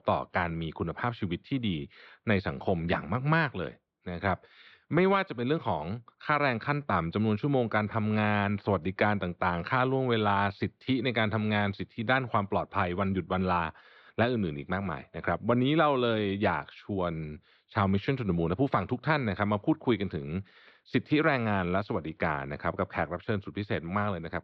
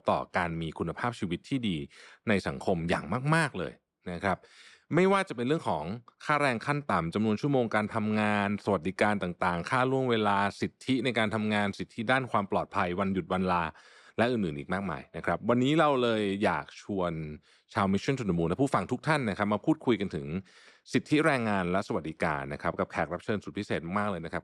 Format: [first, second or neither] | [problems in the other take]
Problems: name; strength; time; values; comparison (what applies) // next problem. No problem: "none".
second | muffled; very slightly; fading above 4 kHz